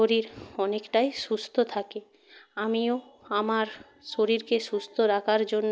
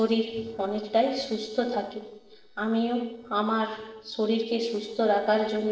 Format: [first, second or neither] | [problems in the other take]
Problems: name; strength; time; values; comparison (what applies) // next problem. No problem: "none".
first | noise reduction (neural separator model SepFormer DNS4)